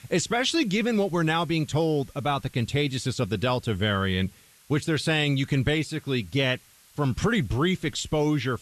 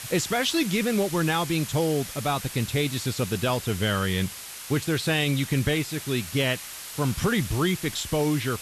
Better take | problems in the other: first | hiss; loud; throughout; 10 dB below the speech; faint in the first

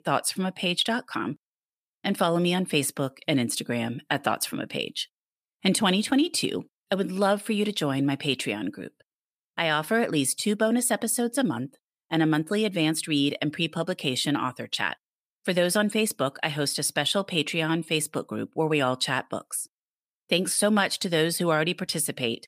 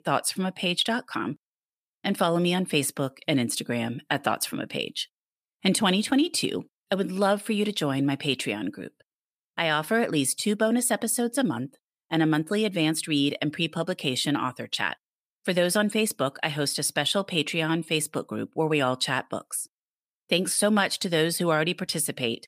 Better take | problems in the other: neither | none

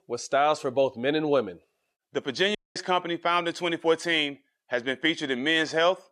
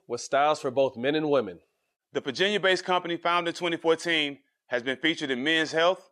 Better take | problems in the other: second | audio cutting out; at 2.5 s

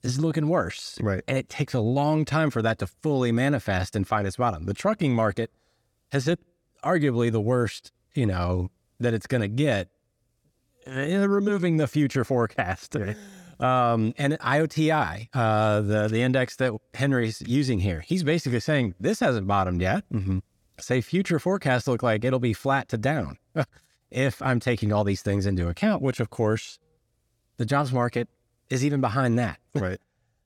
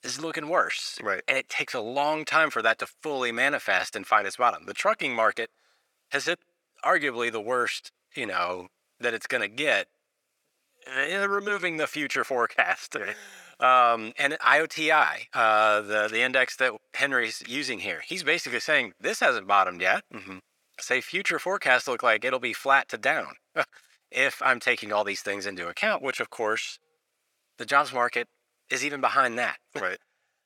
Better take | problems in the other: first | thin; very; fading below 600 Hz

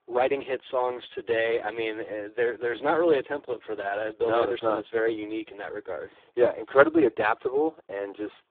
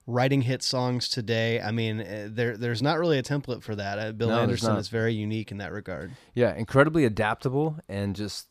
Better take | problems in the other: second | phone-call audio; poor line; nothing above 3.5 kHz

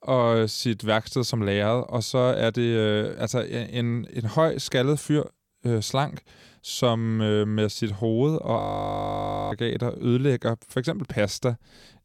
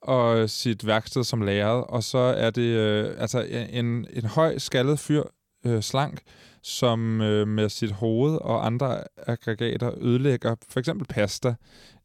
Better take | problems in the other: second | audio freezing; at 8.5 s for 1 s

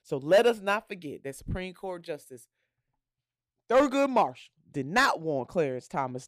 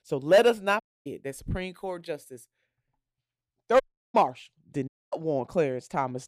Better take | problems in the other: first | audio cutting out; at 1 s, at 4 s and at 5 s

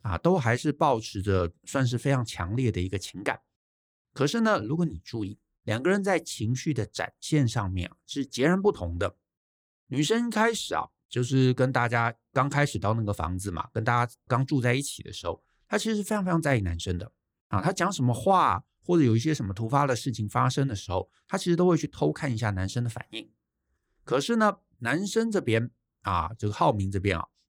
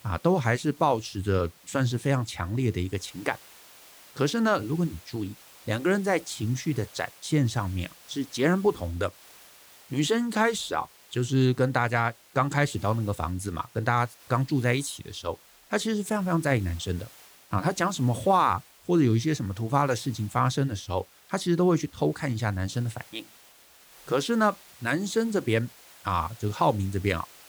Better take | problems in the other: first | hiss; faint; throughout; 20 dB below the speech

